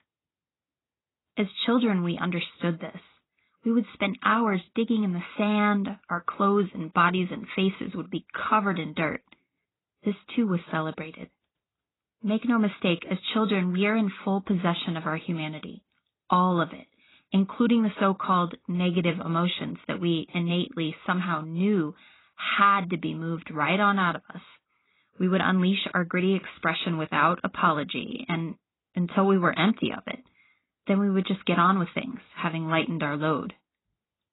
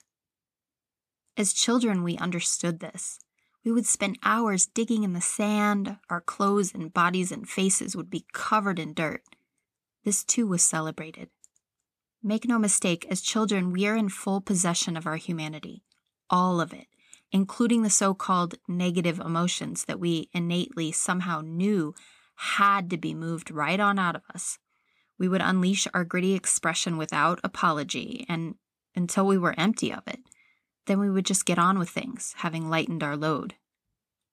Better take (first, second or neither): second